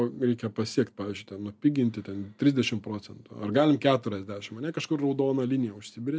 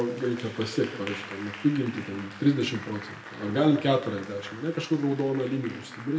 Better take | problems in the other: first | background sound (Applause); 15 dB below the speech // room echo; dies away in 0.6 s

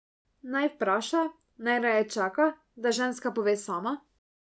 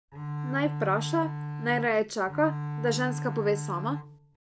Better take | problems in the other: first | background sound (Bowed string instrument); 5 dB below the speech

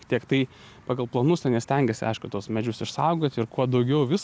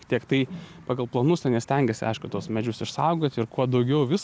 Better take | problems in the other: first | background sound (Whoosh, swoosh, swish); 20 dB below the speech

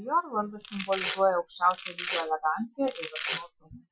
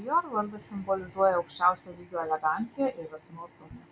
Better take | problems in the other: second | noise reduction (classical method Wiener filter)

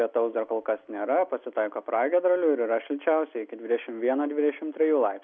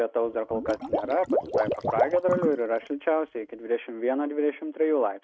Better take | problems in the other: first | noise reduction (neural mask model RNNoise)

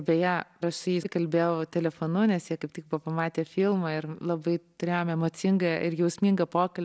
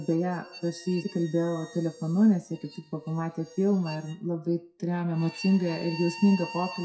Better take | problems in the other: first | noise reduction (classical method WPE with log-MMSE)

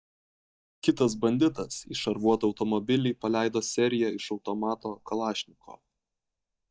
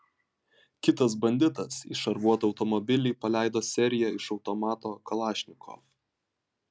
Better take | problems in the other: second | noise reduction (neural mask model DeepFilterNet 3)

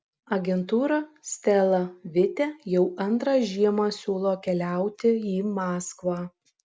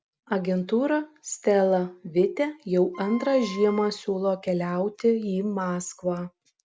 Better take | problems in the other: first | background sound (Wind instrument, woodwind instrument); 16 dB below the speech

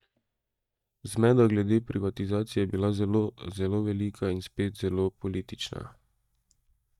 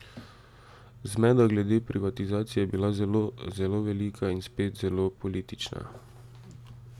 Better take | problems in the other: second | noise reduction (neural mask model DeepFilterNet 3)

